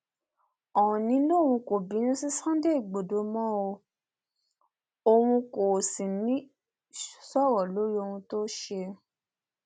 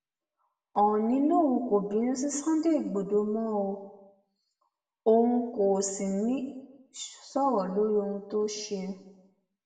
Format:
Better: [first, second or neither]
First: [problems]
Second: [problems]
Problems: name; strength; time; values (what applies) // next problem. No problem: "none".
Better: first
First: none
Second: room echo; dies away in 0.8 s